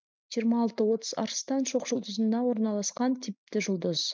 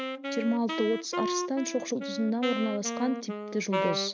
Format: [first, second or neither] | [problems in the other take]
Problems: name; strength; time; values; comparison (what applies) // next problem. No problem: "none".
first | background sound (Wind instrument, woodwind instrument); 3 dB below the speech